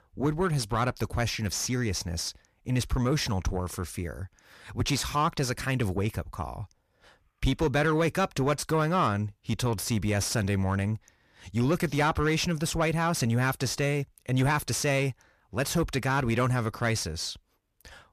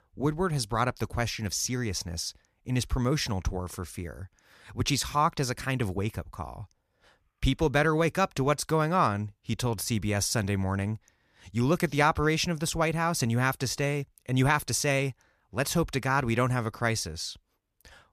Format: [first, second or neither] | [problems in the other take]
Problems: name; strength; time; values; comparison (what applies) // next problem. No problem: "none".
second | distortion; slight; 10 dB below the speech